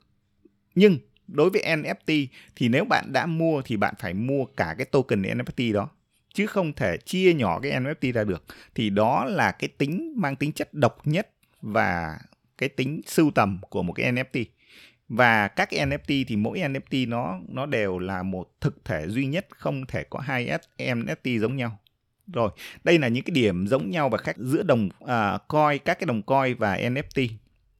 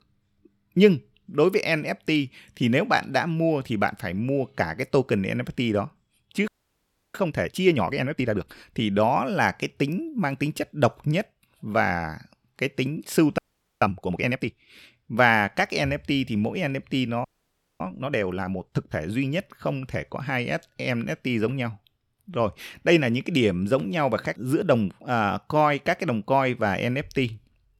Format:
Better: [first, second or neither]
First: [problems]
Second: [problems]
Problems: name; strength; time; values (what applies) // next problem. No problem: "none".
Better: first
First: none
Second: audio freezing; at 6.5 s for 0.5 s, at 13 s and at 17 s for 0.5 s